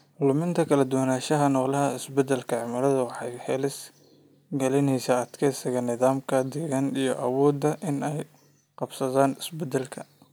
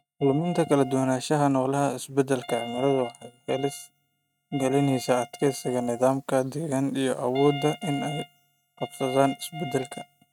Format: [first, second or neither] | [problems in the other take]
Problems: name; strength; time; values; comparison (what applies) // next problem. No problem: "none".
first | noise reduction (neural mask model RNNoise)